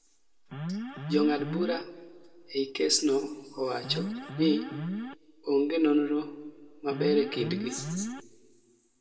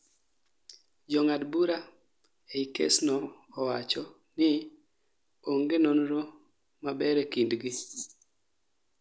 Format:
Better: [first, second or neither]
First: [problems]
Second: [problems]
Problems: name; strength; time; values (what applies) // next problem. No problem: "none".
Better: second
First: background sound (Alarm); 5 dB below the speech // room echo; dies away in 1.2 s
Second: none